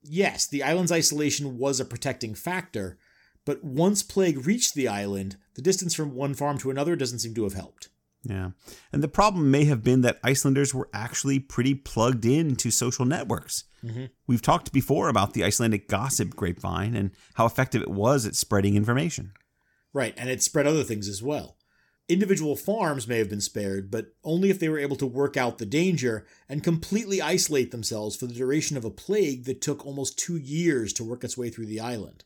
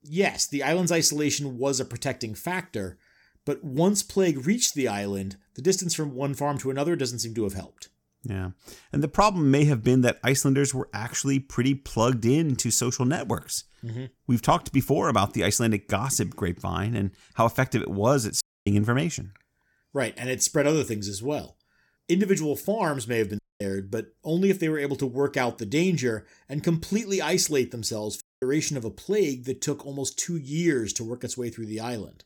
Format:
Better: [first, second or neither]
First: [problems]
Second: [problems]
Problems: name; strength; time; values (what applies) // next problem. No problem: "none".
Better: first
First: none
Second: audio cutting out; at 18 s, at 23 s and at 28 s